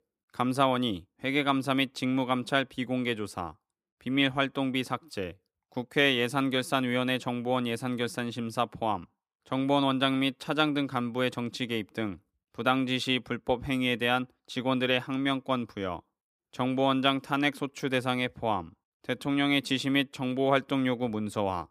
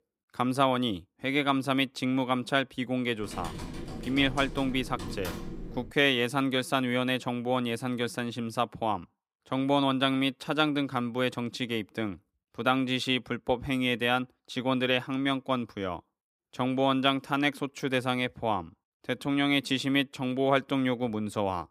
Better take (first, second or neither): first